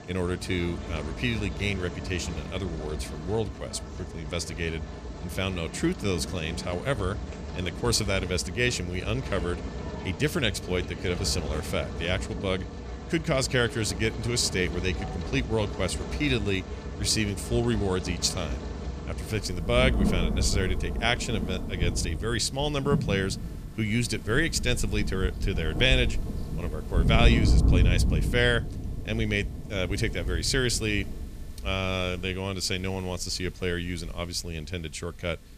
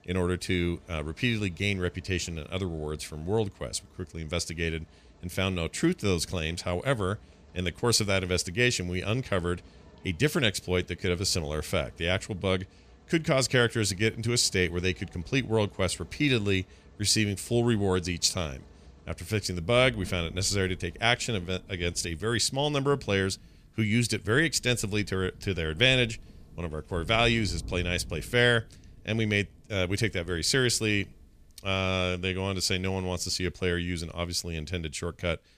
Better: second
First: rain or running water; loud; throughout; 4 dB below the speech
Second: rain or running water; faint; throughout; 25 dB below the speech

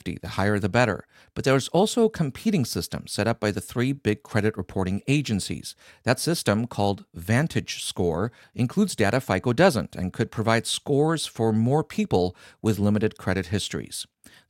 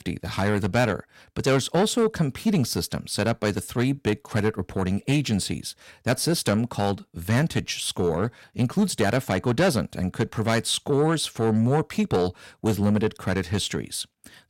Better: first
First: none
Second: distortion; slight; 10 dB below the speech

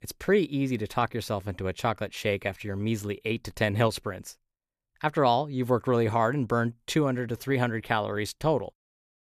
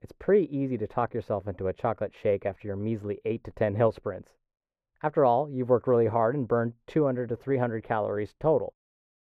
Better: first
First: none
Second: muffled; very; fading above 3 kHz

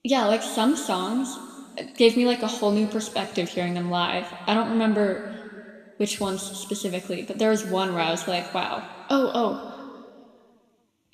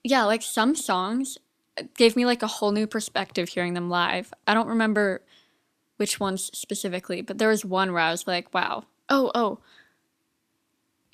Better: second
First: room echo; noticeable; dies away in 1.8 s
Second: none

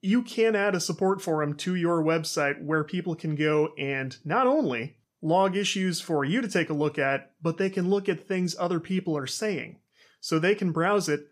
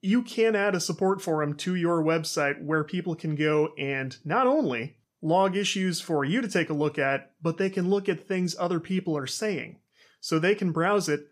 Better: neither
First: none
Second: none

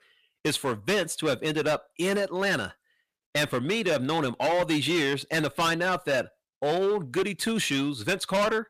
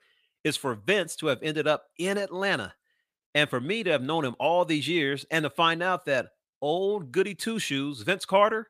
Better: second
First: distortion; heavy; 14% of the sound clipped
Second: none

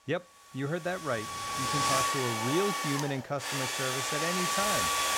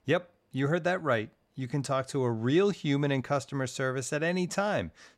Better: second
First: household noises; very loud; throughout; 4 dB above the speech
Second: none

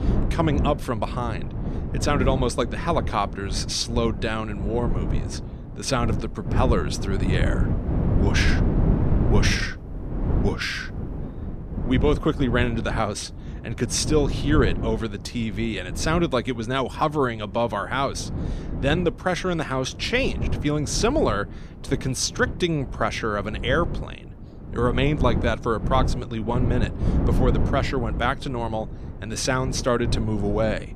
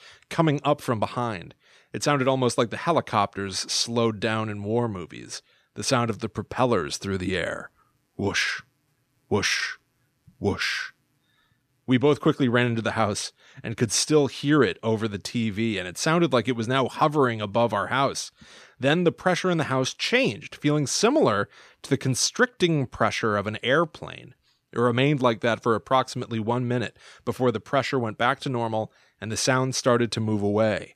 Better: second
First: wind noise on the microphone; occasional gusts; 10 dB below the speech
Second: none

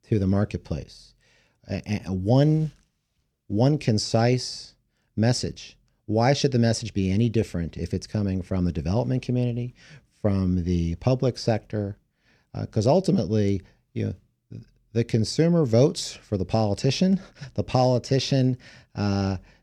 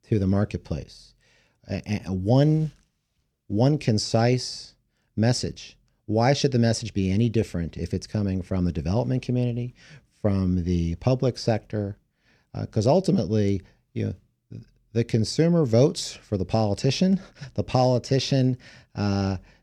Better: neither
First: none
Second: none

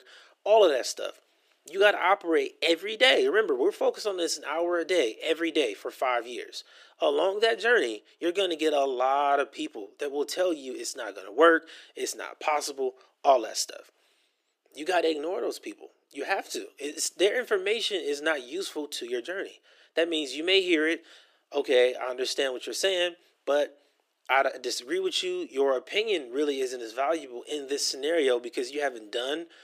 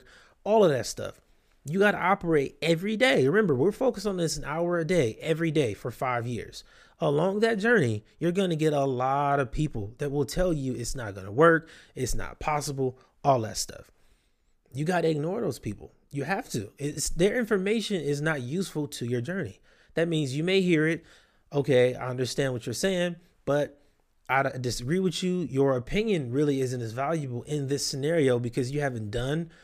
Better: second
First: thin; very; fading below 300 Hz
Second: none

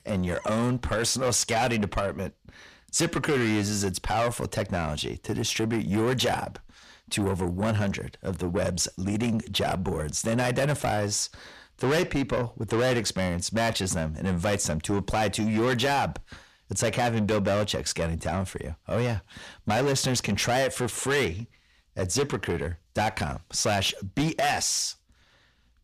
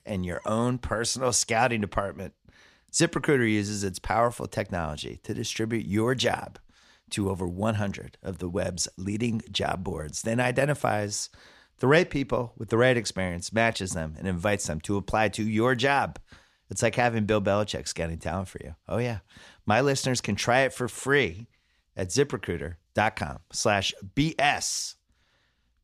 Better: second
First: distortion; heavy; 6 dB below the speech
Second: none

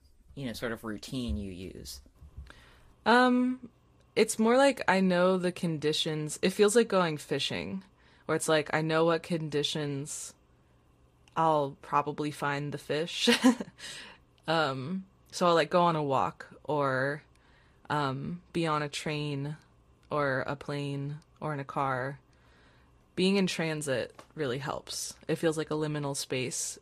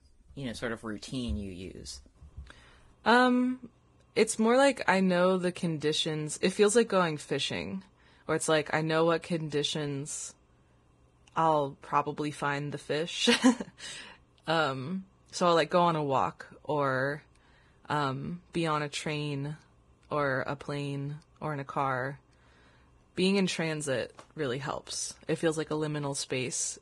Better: first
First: garbled, watery; slightly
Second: garbled, watery; badly; nothing above 10 kHz

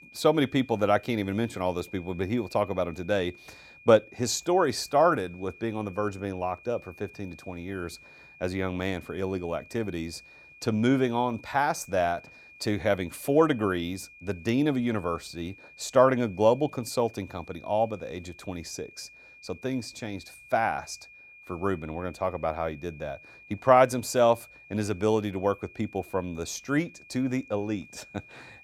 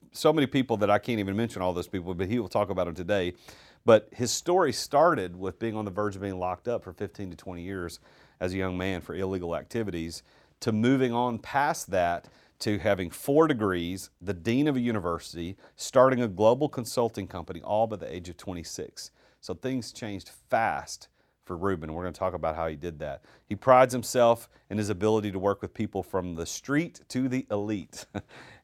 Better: second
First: high-pitched whine; faint; throughout; 2.5 kHz, 20 dB below the speech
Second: none

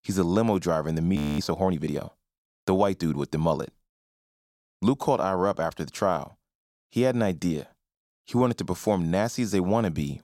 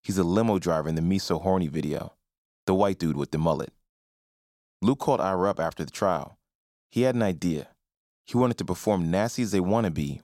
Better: second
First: audio freezing; at 1 s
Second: none

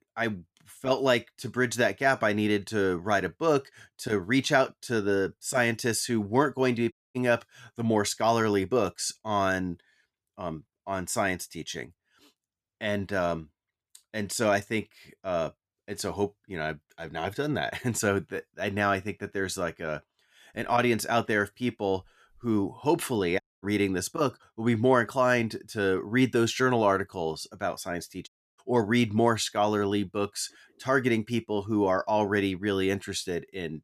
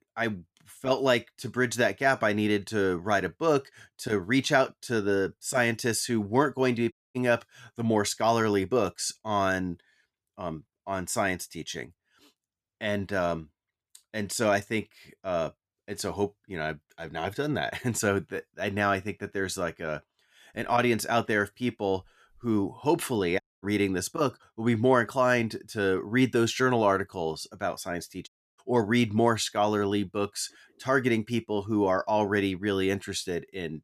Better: neither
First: audio cutting out; at 7 s, at 23 s and at 28 s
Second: audio cutting out; at 7 s, at 23 s and at 28 s

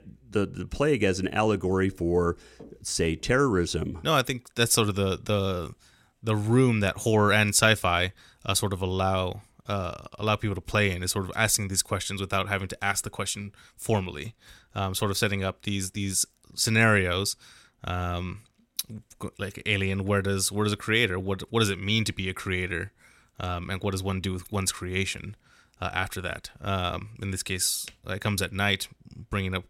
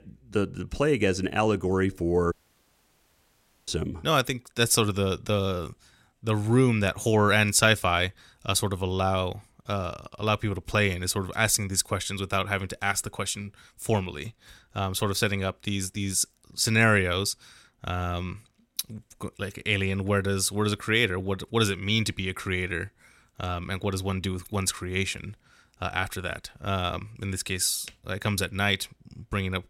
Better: first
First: none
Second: audio cutting out; at 2.5 s for 1.5 s

